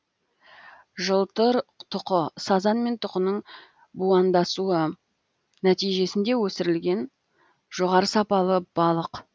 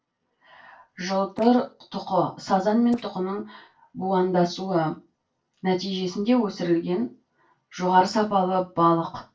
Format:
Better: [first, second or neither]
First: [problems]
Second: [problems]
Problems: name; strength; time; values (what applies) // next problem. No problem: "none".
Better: first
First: none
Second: noise reduction (neural separator model SepFormer DNS4)